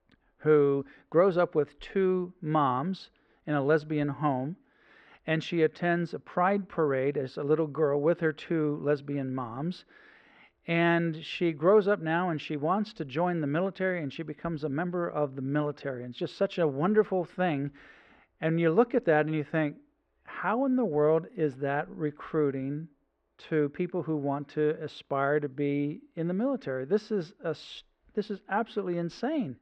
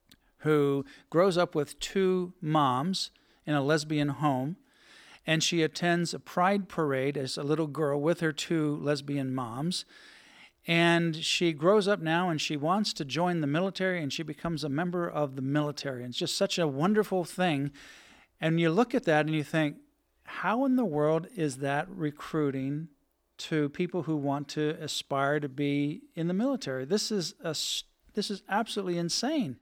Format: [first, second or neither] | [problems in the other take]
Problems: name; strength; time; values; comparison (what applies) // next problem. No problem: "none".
second | muffled; very; fading above 2 kHz